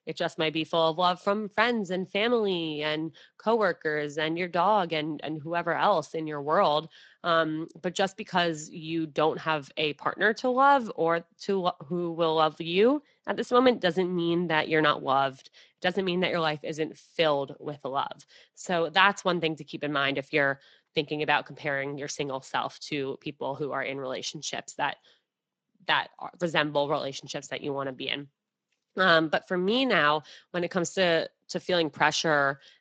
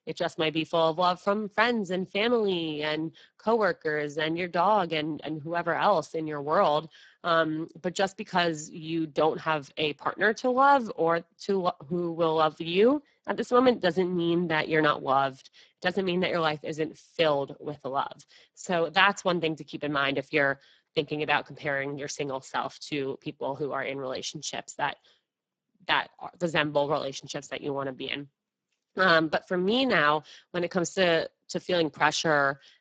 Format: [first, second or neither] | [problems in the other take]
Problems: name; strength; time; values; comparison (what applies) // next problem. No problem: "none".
first | garbled, watery; badly; nothing above 7.5 kHz; slightly in the first